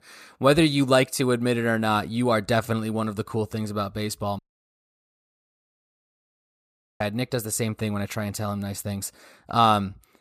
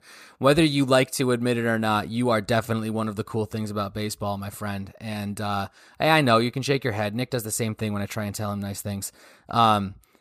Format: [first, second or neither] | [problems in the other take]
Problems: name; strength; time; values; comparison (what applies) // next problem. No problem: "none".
second | audio cutting out; at 4.5 s for 2.5 s